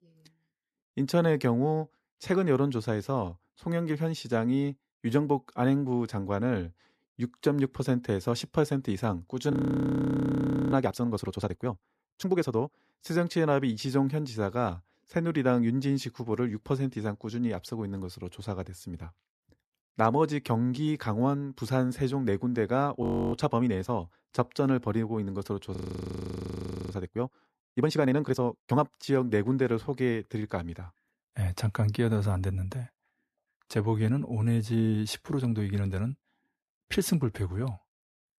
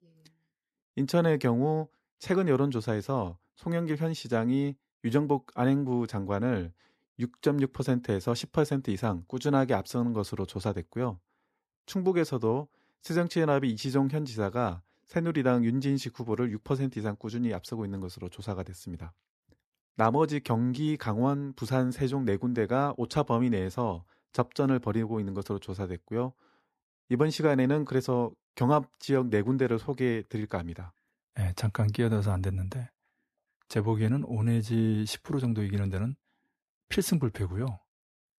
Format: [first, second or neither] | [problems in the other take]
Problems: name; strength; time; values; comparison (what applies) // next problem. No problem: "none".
second | audio freezing; at 9.5 s for 1 s, at 23 s and at 26 s for 1 s